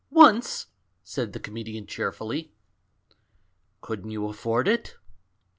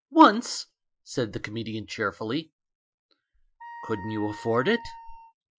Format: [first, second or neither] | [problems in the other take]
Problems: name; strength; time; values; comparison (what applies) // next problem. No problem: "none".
first | noise reduction (classical method Wiener filter)